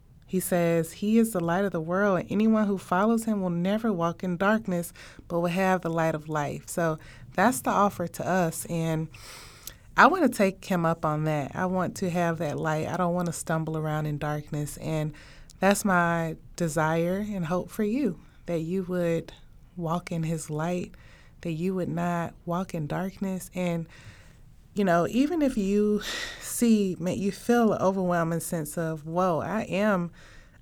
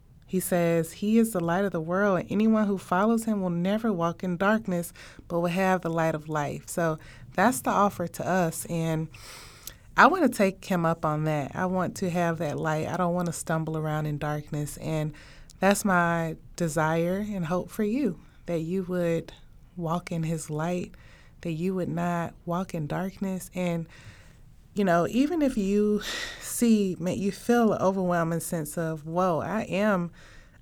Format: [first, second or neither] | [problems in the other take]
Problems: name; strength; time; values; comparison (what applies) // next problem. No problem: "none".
neither | none